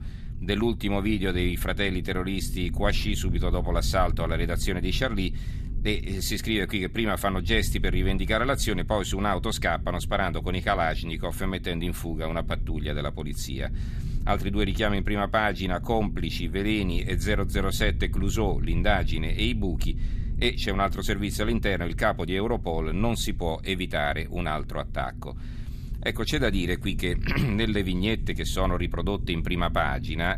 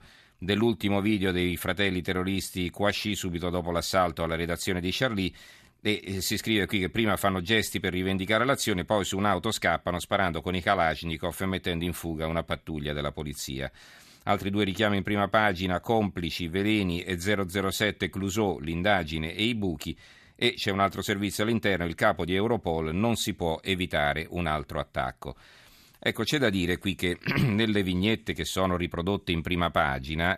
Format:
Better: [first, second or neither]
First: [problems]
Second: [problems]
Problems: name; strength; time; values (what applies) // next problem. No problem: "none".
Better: second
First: low rumble; noticeable; throughout; 20 dB below the speech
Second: none